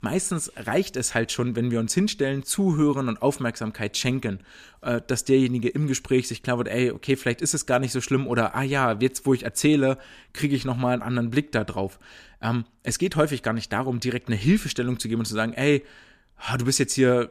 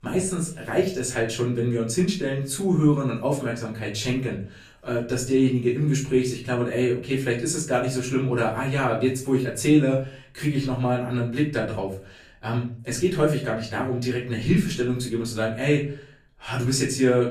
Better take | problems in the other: first | off-mic speech; far // room echo; slight; dies away in 0.4 s

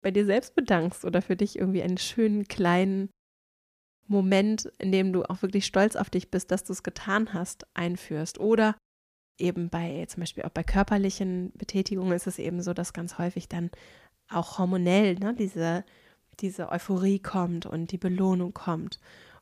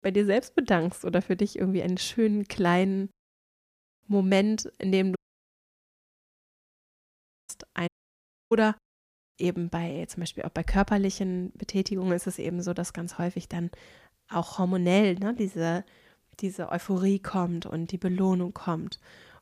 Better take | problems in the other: first | audio cutting out; at 5 s for 2.5 s and at 8 s for 0.5 s

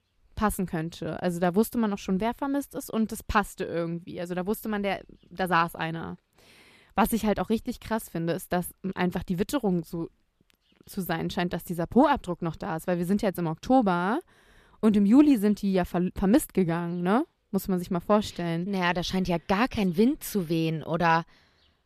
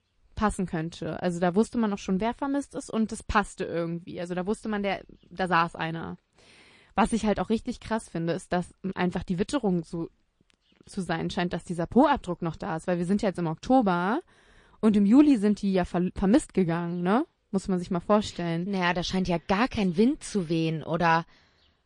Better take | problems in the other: first | garbled, watery; slightly; nothing above 9 kHz

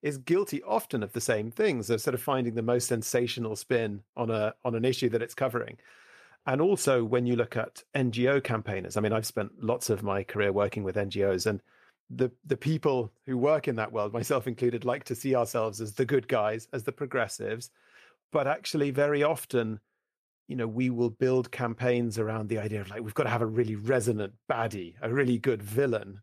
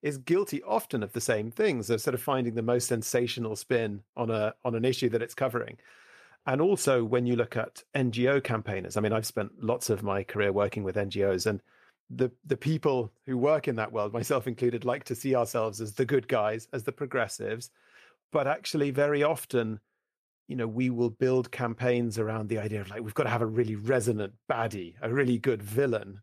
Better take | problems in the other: neither | none

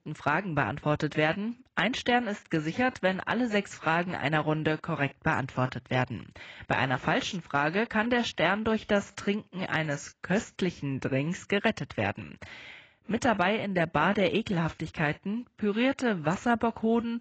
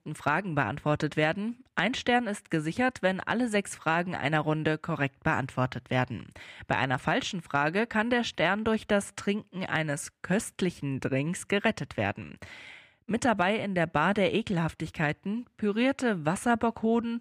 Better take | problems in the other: second | garbled, watery; badly; nothing above 7.5 kHz

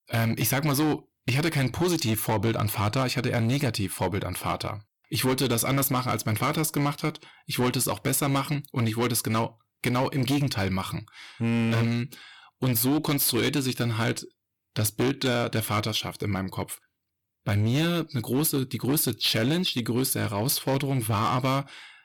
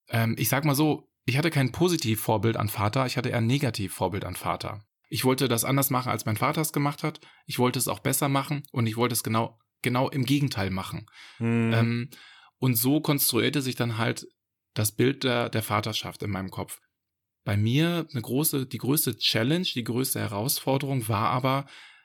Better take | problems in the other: second | distortion; slight; 13% of the sound clipped

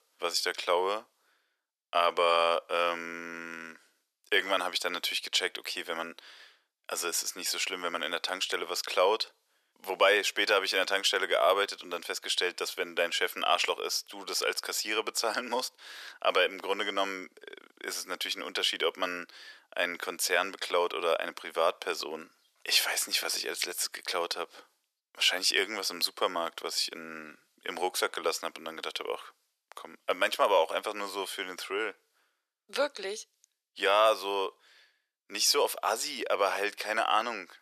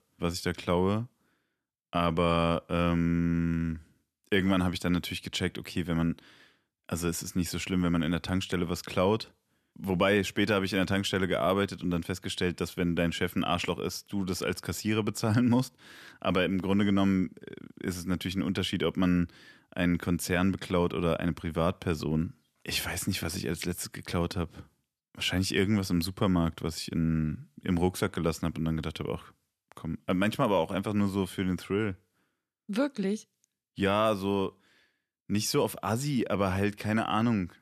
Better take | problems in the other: second | thin; very; fading below 500 Hz

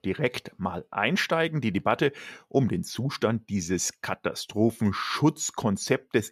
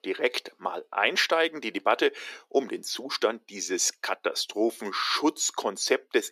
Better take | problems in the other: first | thin; somewhat; fading below 300 Hz

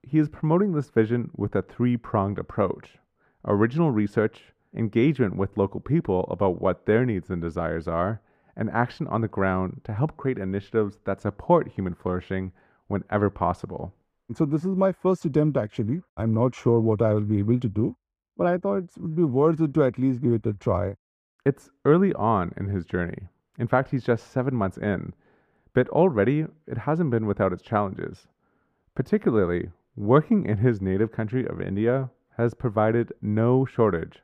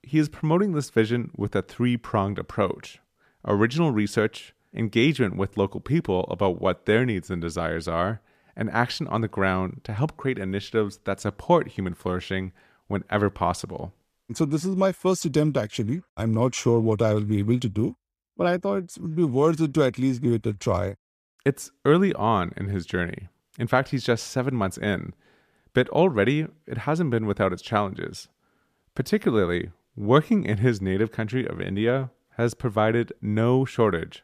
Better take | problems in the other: second | muffled; very; fading above 2.5 kHz

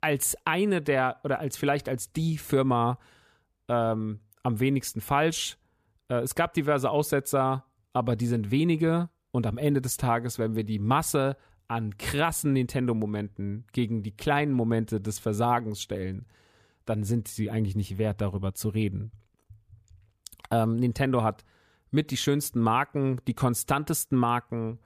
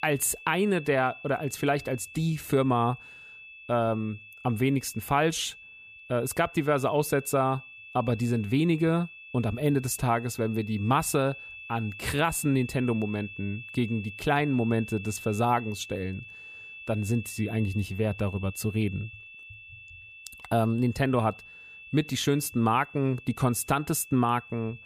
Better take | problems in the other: first | high-pitched whine; noticeable; throughout; 2.5 kHz, 15 dB below the speech

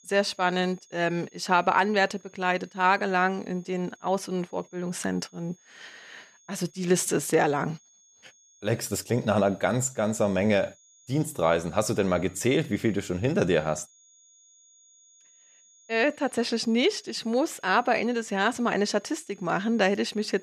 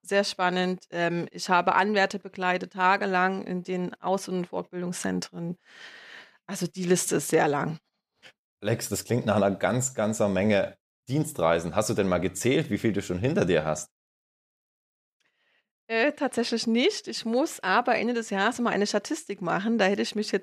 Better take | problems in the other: second | high-pitched whine; faint; throughout; 6.5 kHz, 30 dB below the speech

